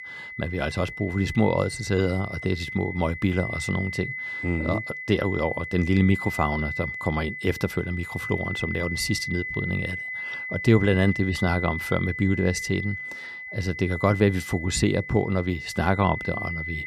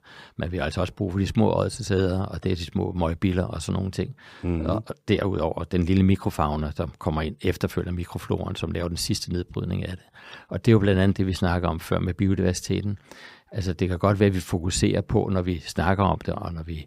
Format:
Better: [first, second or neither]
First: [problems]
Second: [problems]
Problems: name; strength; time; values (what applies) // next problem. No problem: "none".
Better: second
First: high-pitched whine; loud; throughout; 2 kHz, 6 dB below the speech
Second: none